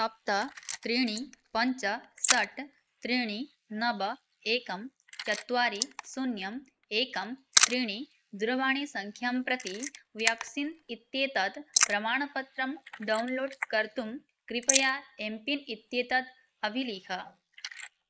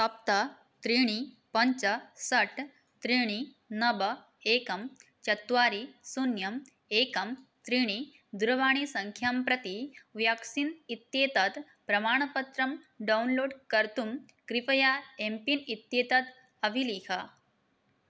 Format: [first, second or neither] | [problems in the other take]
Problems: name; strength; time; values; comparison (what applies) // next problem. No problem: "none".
second | noise reduction (neural mask model Resemble Enhance denoiser)